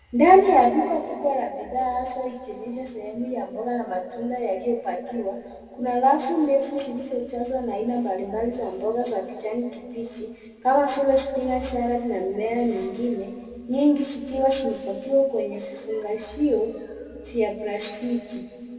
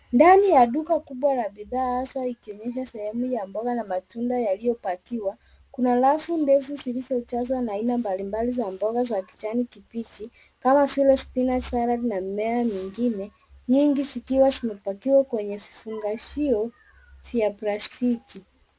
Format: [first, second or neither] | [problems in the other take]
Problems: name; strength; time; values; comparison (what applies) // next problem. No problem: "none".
second | room echo; dies away in 2.2 s